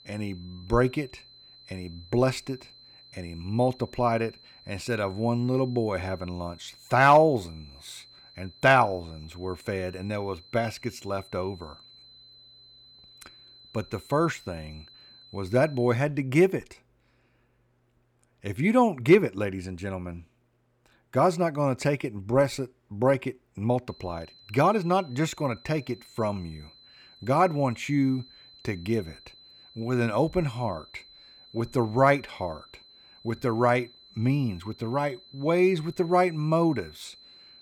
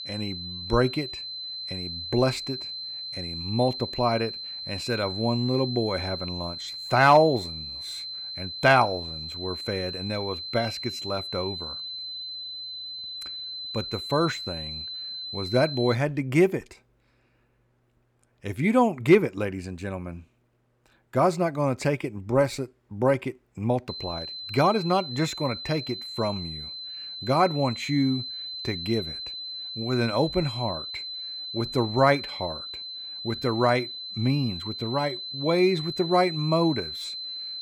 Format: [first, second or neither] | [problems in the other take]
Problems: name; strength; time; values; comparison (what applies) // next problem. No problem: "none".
first | high-pitched whine; loud; until 16 s and from 24 s on; 4 kHz, 7 dB below the speech; faint in the first